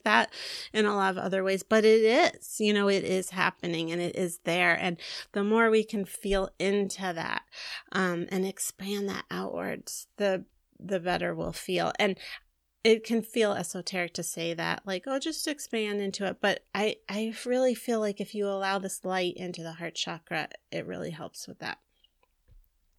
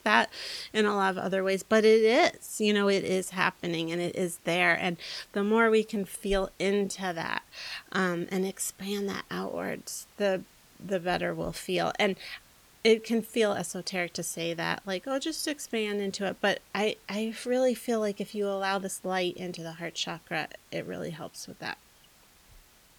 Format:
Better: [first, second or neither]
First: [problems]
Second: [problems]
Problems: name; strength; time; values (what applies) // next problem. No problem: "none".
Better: first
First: none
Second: hiss; faint; throughout; 30 dB below the speech